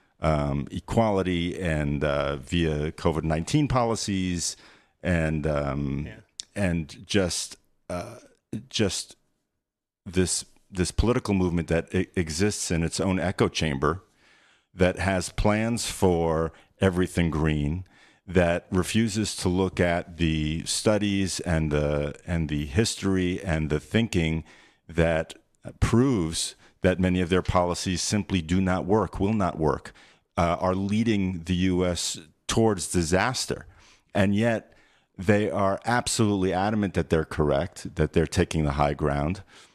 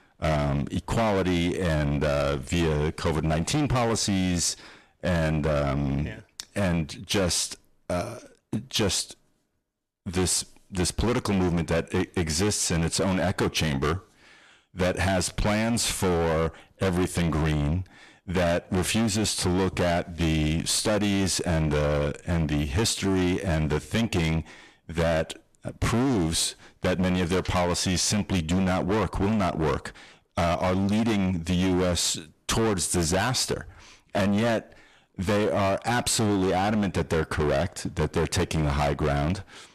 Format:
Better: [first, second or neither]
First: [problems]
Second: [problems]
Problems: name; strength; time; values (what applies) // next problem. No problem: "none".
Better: first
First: none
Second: distortion; heavy; 22% of the sound clipped